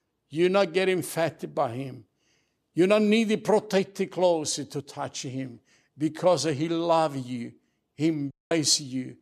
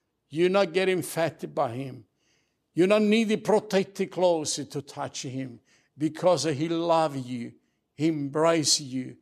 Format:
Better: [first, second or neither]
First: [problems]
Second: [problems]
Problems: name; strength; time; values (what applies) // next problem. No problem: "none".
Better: second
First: audio cutting out; at 8.5 s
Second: none